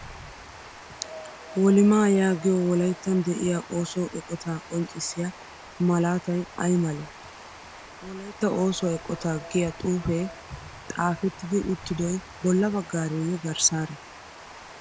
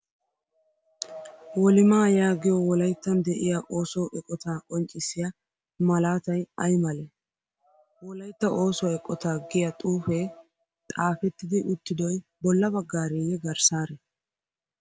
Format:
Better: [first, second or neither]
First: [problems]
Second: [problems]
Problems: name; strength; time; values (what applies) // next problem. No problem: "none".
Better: second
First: background sound (Water); 17 dB below the speech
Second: none